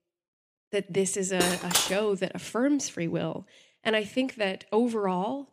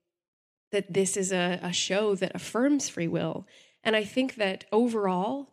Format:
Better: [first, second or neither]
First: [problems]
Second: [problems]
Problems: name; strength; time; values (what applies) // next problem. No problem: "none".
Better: second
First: clattering dishes; loud; at 1.5 s; peak 2 dB above the speech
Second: none